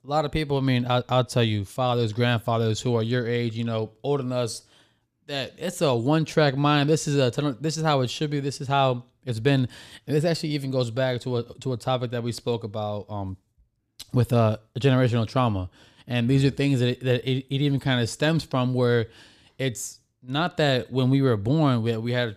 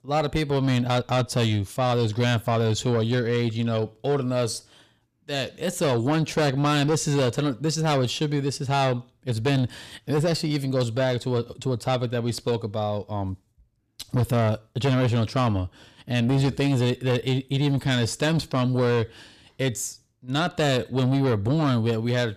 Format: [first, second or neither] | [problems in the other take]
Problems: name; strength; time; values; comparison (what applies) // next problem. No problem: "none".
first | distortion; slight; 10 dB below the speech